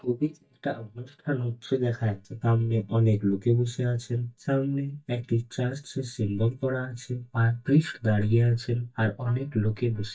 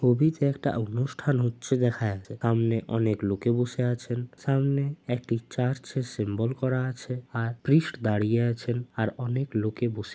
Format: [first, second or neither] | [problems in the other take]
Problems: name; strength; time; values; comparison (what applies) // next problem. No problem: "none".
second | noise reduction (neural mask model DeepFilterNet 3)